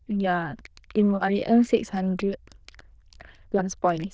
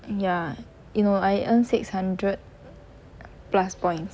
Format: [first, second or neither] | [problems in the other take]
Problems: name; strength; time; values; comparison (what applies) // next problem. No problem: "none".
second | noise reduction (neural diffusion model UNIVERSE++)